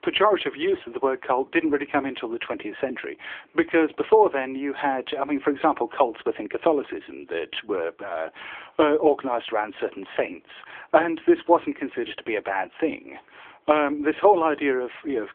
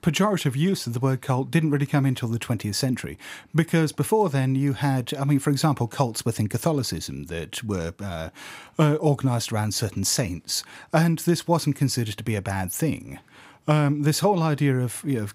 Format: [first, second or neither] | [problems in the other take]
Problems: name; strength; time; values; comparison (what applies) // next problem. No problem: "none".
second | phone-call audio; nothing above 3.5 kHz